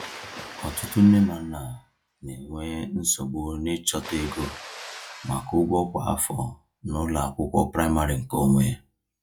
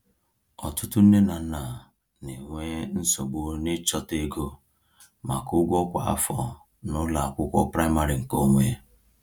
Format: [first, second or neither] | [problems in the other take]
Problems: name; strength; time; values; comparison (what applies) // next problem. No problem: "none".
second | noise reduction (classical method log-MMSE)